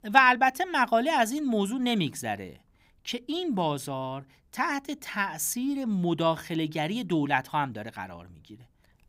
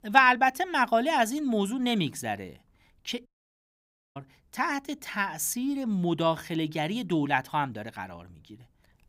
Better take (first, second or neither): first